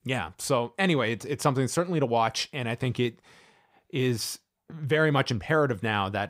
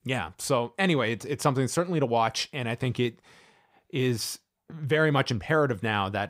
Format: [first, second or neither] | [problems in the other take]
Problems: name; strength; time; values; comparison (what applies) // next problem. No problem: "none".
neither | none